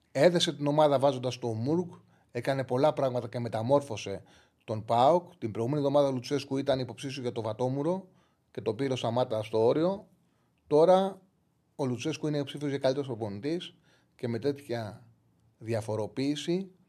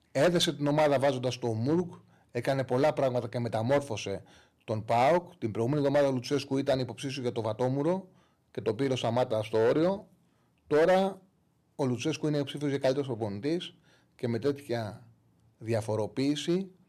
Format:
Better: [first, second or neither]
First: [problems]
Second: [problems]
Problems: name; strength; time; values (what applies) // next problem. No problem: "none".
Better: first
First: none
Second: distortion; slight; 4% of the sound clipped